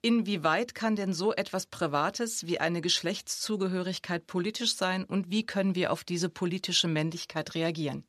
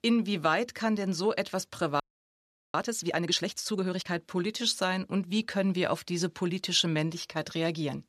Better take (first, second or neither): first